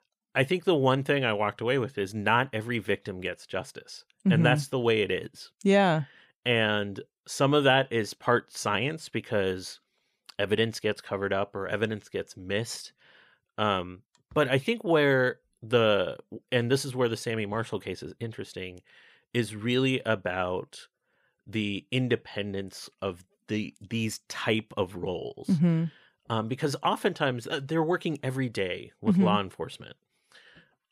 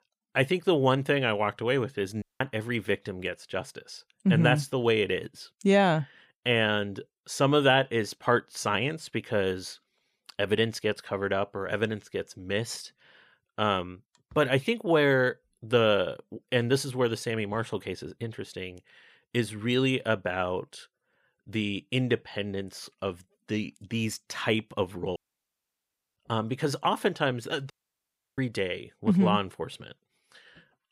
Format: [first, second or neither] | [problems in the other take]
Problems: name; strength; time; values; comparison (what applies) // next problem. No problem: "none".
first | audio cutting out; at 2 s, at 25 s for 1 s and at 28 s for 0.5 s